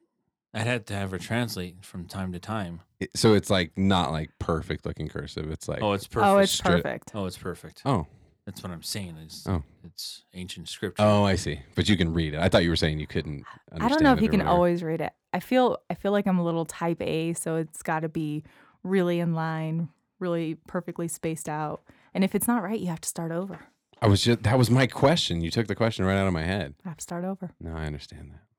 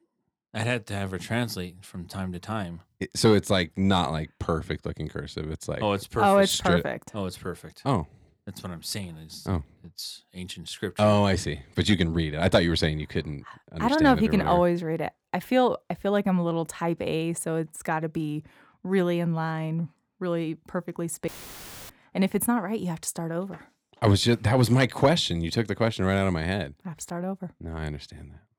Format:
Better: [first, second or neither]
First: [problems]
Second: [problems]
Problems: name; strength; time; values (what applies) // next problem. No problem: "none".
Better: first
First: none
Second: audio cutting out; filled with static; at 21 s for 0.5 s